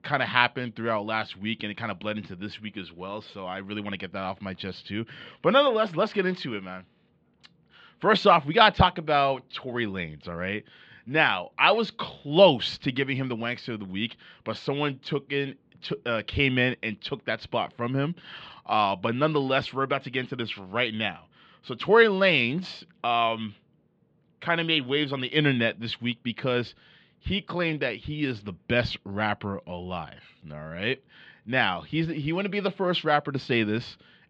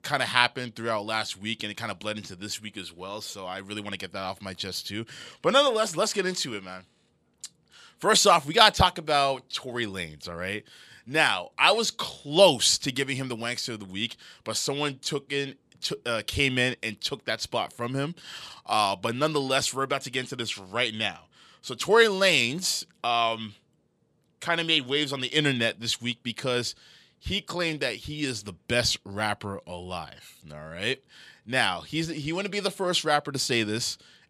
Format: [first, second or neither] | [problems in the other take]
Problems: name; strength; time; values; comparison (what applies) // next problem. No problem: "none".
second | muffled; slightly; fading above 3 kHz